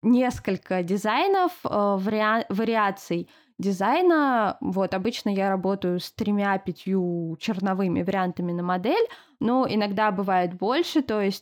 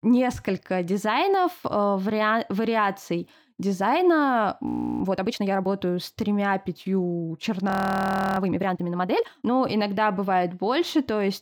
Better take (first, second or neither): first